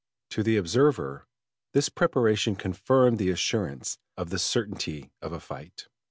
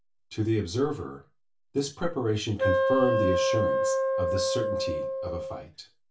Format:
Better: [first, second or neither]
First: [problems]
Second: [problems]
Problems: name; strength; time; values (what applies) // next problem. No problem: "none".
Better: first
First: none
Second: background sound (Wind instrument, woodwind instrument); 4 dB above the speech // room echo; dies away in 0.3 s